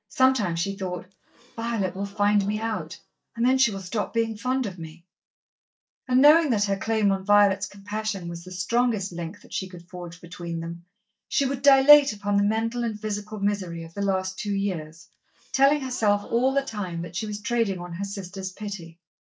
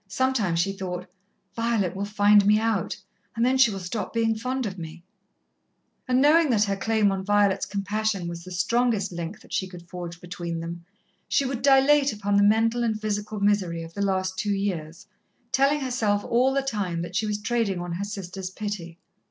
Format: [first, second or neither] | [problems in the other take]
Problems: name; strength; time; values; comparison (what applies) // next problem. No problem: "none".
second | noise reduction (neural mask model DeepFilterNet 3)